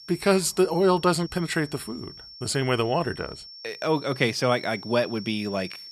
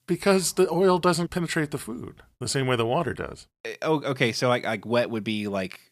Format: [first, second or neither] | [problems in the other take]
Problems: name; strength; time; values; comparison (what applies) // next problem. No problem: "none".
second | high-pitched whine; noticeable; throughout; 5.5 kHz, 15 dB below the speech